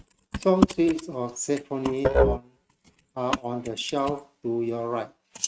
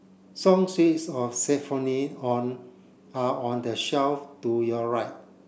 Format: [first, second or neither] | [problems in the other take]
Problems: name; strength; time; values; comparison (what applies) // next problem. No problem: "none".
second | noise reduction (neural mask model RNNoise)